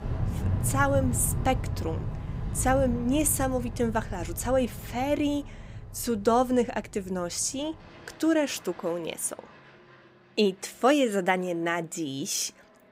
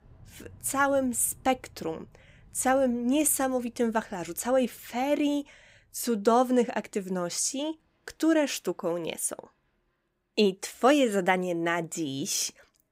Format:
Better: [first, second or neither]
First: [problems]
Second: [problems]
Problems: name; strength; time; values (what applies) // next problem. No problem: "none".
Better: second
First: train or aircraft noise; loud; throughout; 6 dB below the speech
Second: train or aircraft noise; faint; throughout; 30 dB below the speech